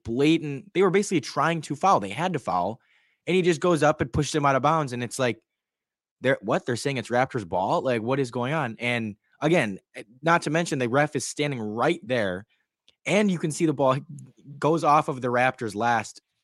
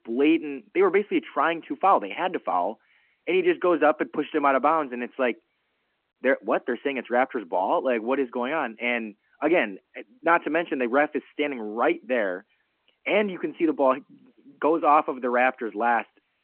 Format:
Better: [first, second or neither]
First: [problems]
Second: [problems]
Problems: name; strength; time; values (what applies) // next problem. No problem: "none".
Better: first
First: none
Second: phone-call audio